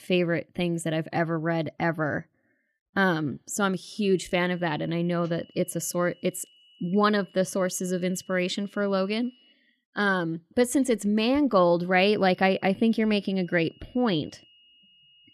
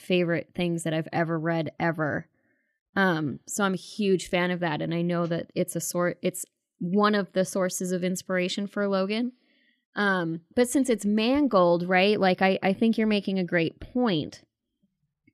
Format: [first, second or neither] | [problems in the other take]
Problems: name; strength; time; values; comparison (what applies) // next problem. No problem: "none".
second | high-pitched whine; faint; from 4 to 9.5 s and from 12 s on; 3 kHz, 30 dB below the speech